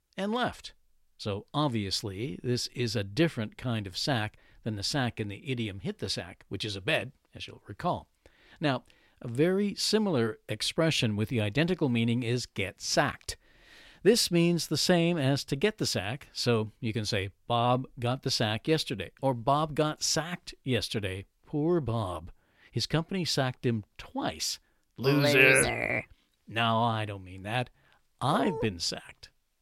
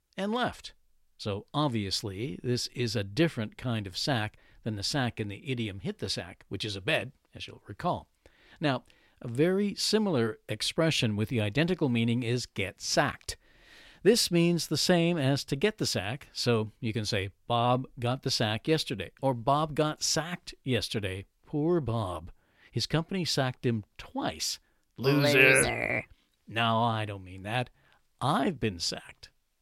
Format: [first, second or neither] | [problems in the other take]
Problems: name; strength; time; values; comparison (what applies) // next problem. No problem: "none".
second | dog barking; noticeable; at 28 s; peak 7 dB below the speech